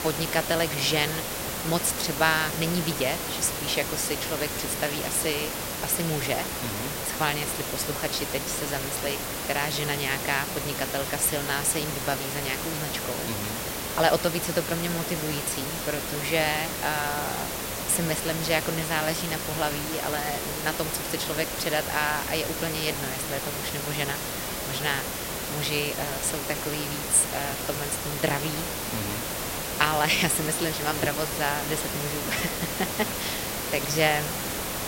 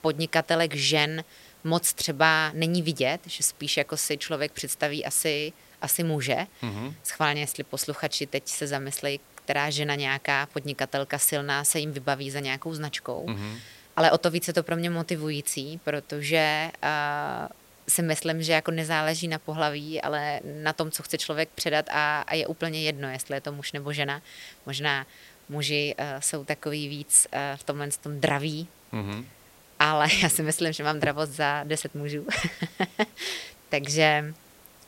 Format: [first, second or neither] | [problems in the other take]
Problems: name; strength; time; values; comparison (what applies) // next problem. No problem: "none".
second | hiss; loud; throughout; 2 dB below the speech; faint in the second